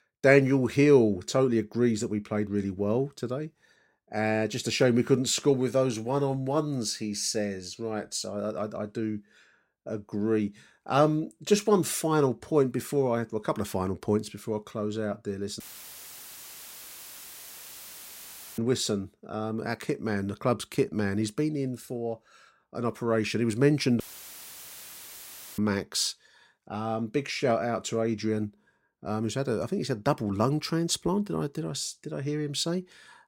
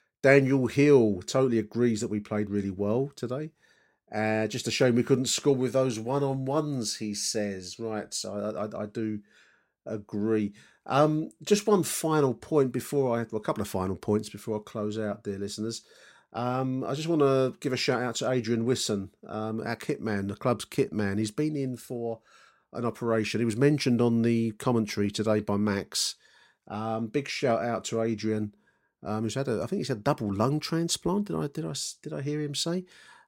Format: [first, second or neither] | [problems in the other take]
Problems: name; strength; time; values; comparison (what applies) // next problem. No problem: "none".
second | audio cutting out; filled with static; at 16 s for 3 s and at 24 s for 1.5 s